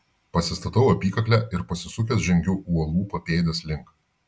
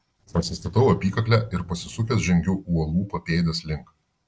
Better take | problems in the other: first | noise reduction (neural separator model SepFormer DNS4)

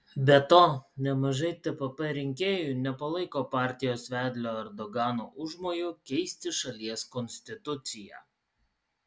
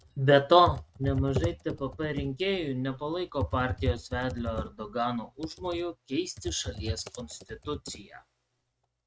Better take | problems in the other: first | noise reduction (neural mask model RNNoise)

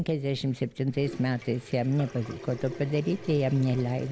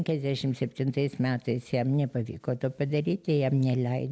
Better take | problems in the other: second | background sound (Sink (filling or washing) / Water tap, faucet); 16 dB below the speech

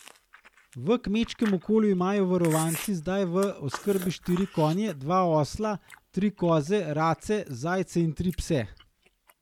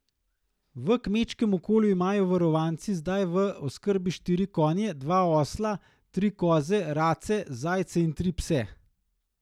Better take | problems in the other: second | background sound (Chewing, mastication); 18 dB below the speech

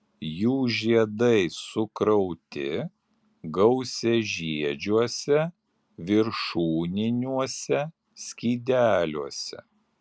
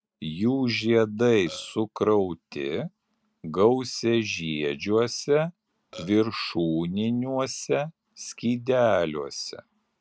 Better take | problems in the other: first | noise reduction (neural mask model RNNoise)

